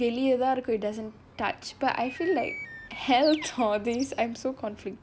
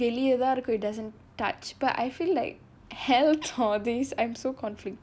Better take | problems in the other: second | background sound (Bird); 15 dB below the speech

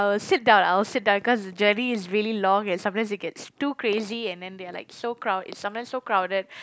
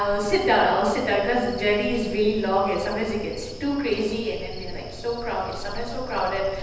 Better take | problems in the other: first | background sound (Cricket); 12 dB below the speech // room echo; dies away in 1.1 s

